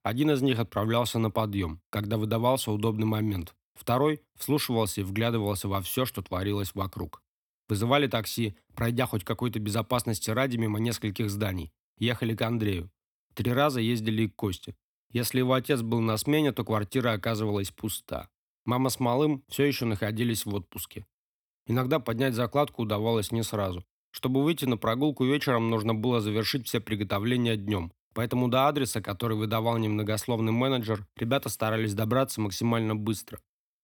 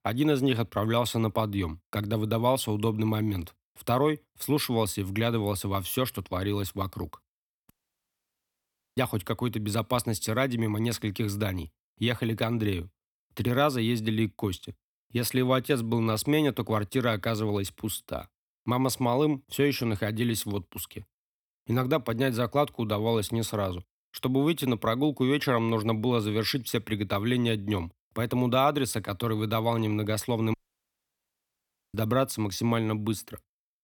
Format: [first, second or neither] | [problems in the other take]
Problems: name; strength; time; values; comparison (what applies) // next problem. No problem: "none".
first | audio cutting out; at 7.5 s for 1.5 s and at 31 s for 1.5 s